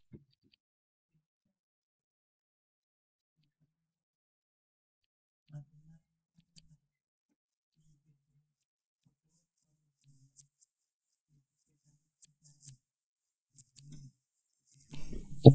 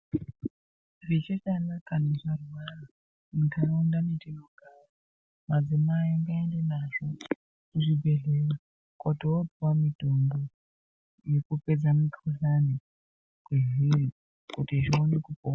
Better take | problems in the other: second | noise reduction (neural mask model DeepFilterNet 3)

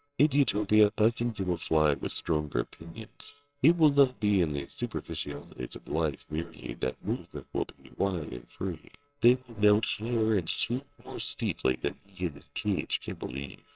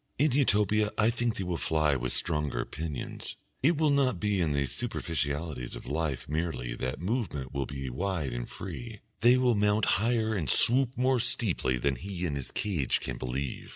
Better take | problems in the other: second | noise reduction (neural separator model SepFormer WHAMR!)

